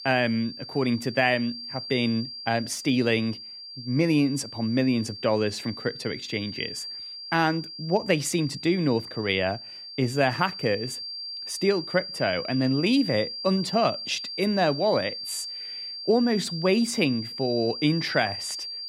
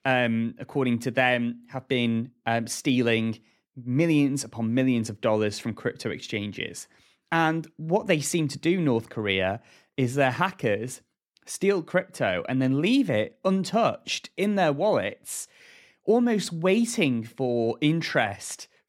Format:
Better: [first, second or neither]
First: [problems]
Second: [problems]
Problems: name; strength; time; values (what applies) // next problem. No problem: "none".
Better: second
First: high-pitched whine; loud; throughout; 4.5 kHz, 9 dB below the speech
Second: none